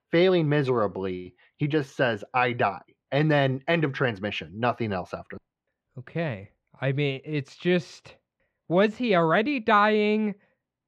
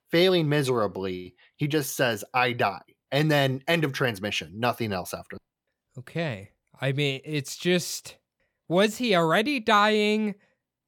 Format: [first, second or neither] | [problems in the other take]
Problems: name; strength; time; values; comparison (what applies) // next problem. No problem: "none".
second | muffled; slightly; fading above 2.5 kHz